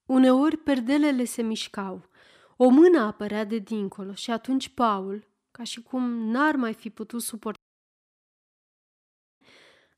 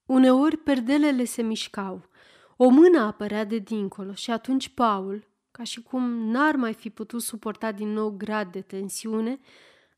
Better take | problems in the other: second | audio cutting out; at 7.5 s for 2 s

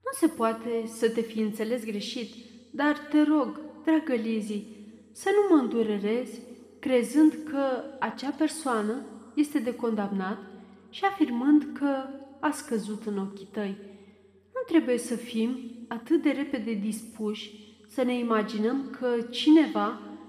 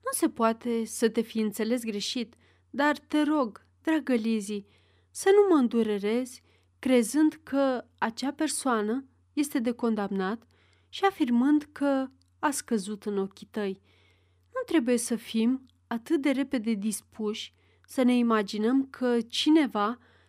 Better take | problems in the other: second | room echo; slight; dies away in 1.6 s

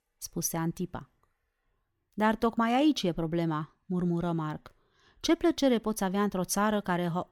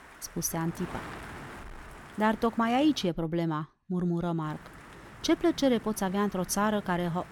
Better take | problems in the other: first | wind noise on the microphone; occasional gusts; until 3 s and from 4.5 s on; 15 dB below the speech

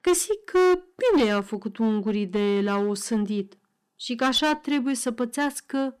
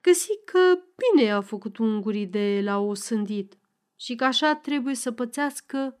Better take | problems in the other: second | distortion; slight; 8% of the sound clipped

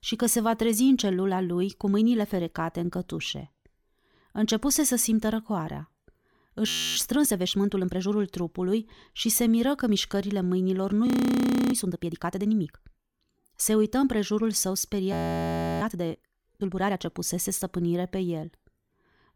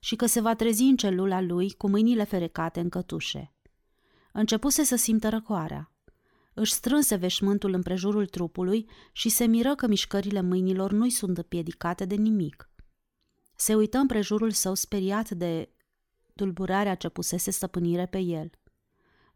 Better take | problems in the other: second | audio freezing; at 6.5 s, at 11 s for 0.5 s and at 15 s for 0.5 s

